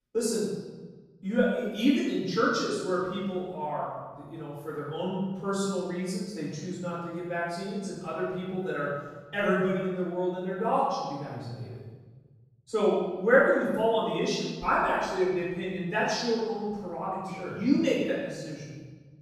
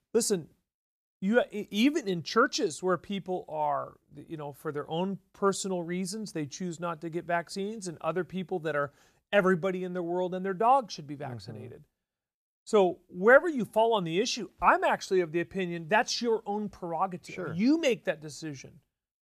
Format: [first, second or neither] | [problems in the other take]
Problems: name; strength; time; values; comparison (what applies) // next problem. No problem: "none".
second | off-mic speech; far // room echo; strong; dies away in 1.3 s